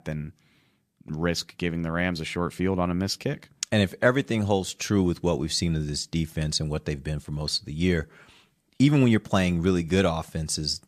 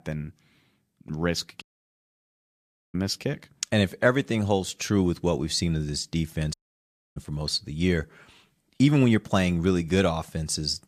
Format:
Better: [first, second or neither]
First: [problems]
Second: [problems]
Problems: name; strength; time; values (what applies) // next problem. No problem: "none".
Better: first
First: none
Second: audio cutting out; at 1.5 s for 1.5 s and at 6.5 s for 0.5 s